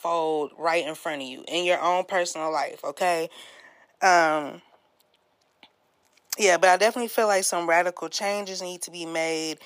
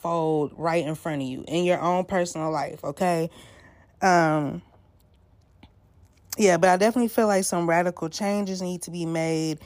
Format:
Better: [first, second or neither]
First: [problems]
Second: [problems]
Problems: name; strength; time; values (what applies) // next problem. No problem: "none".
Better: second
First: thin; somewhat; fading below 450 Hz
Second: none